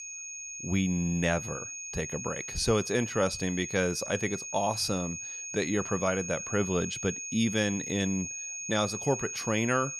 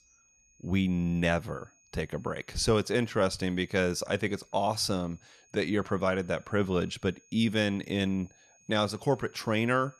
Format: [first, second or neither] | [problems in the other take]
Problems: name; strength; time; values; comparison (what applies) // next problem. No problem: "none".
second | high-pitched whine; loud; throughout; 6.5 kHz, 6 dB below the speech; faint in the second